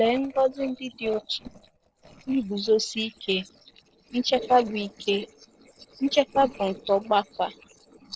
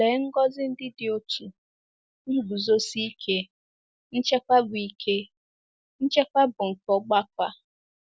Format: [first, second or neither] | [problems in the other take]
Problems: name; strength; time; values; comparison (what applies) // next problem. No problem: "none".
second | noise reduction (neural separator model SepFormer DNS4)